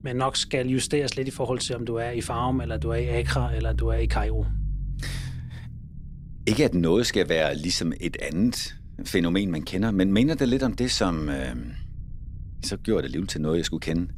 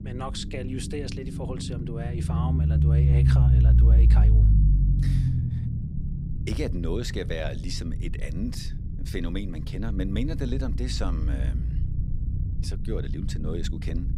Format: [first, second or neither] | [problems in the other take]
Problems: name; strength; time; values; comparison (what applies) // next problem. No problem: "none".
first | low rumble; loud; throughout; 3 dB below the speech; faint in the first